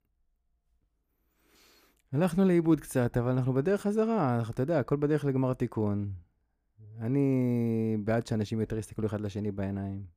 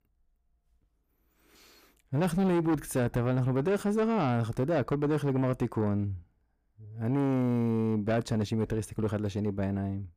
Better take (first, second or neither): first